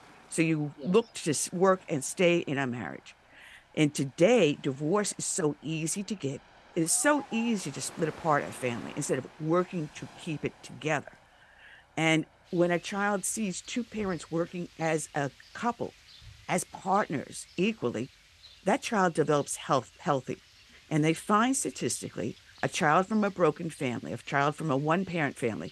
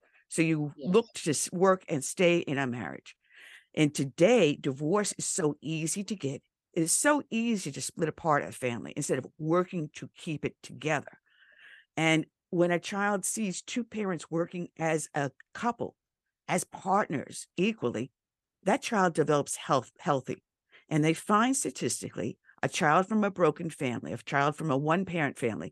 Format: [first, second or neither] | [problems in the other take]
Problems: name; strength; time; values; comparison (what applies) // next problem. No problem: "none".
second | rain or running water; faint; throughout; 25 dB below the speech